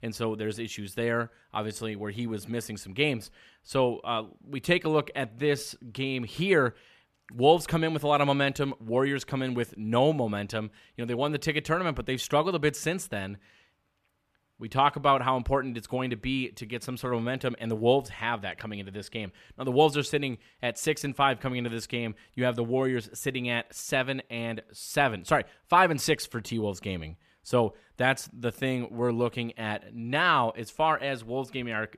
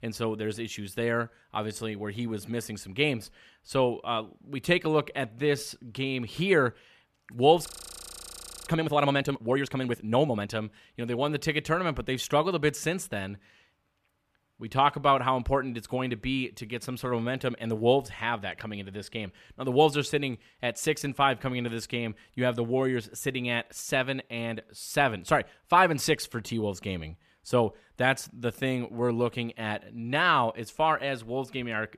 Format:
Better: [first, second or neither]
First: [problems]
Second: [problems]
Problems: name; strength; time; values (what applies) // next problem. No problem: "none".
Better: first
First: none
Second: audio freezing; at 7.5 s for 1 s